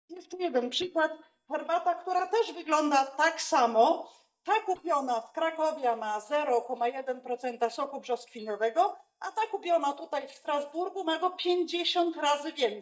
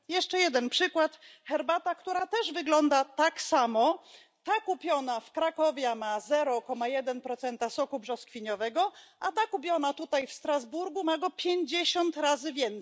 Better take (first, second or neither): second